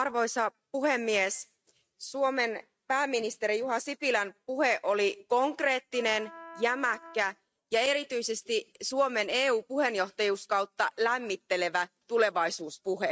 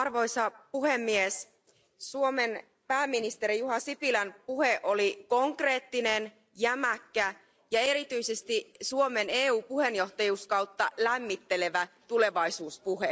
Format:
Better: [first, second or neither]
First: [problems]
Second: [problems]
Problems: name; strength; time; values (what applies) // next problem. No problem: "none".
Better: second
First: noise reduction (neural mask model RNNoise)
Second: none